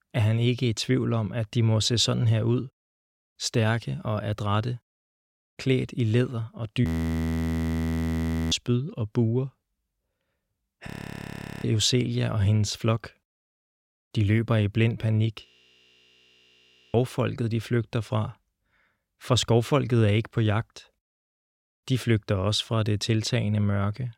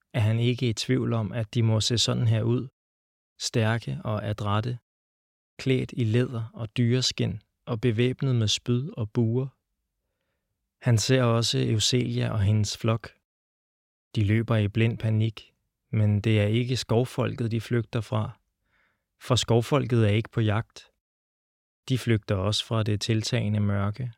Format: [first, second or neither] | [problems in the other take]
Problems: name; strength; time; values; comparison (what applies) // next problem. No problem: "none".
second | audio freezing; at 7 s for 1.5 s, at 11 s for 1 s and at 15 s for 1.5 s